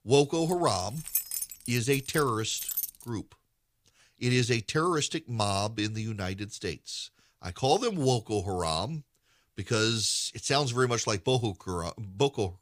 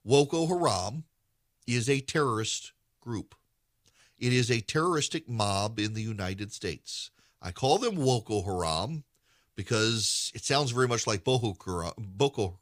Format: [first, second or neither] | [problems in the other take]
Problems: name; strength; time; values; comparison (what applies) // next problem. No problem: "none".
second | jangling keys; noticeable; from 0.5 to 3 s; peak level with the speech